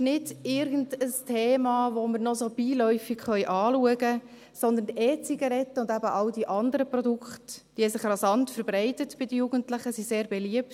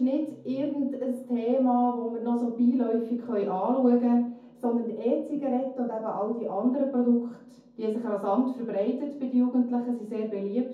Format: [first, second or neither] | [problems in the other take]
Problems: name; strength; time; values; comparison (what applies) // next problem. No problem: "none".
first | room echo; dies away in 0.6 s